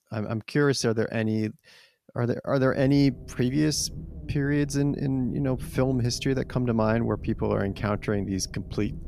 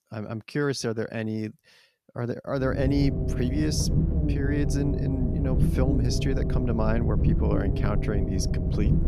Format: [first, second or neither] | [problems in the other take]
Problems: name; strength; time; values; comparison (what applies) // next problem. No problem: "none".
first | low rumble; loud; from 2.5 s on; 4 dB below the speech; faint in the first